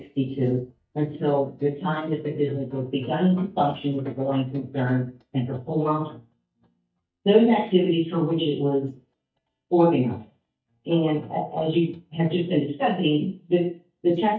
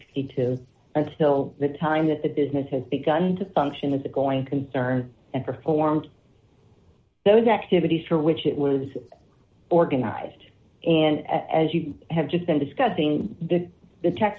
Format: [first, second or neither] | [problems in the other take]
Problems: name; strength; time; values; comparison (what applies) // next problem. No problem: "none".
second | noise reduction (neural mask model DeepFilterNet 3)